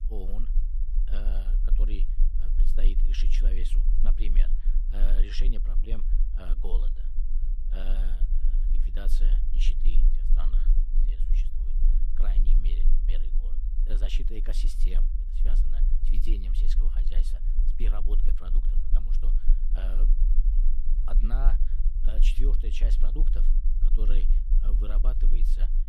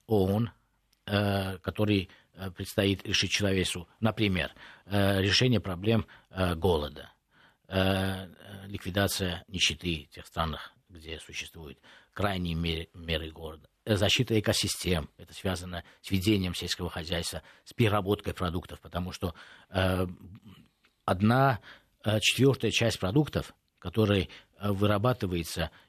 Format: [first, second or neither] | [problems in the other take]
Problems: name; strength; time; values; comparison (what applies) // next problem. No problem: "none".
second | low rumble; loud; throughout; 9 dB below the speech